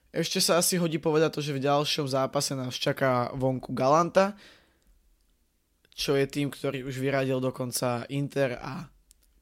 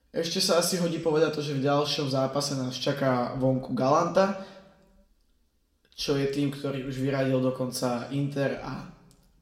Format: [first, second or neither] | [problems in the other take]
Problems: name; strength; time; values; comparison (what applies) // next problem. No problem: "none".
first | room echo; slight; dies away in 0.7 s // off-mic speech; somewhat distant